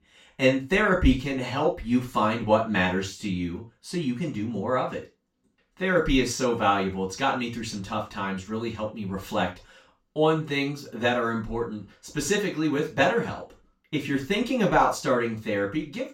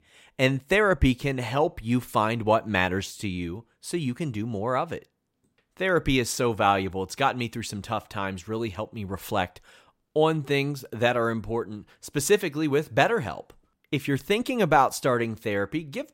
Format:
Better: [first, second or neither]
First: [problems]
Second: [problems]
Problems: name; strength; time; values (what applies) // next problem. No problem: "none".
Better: second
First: room echo; slight; dies away in 0.3 s // off-mic speech; far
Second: none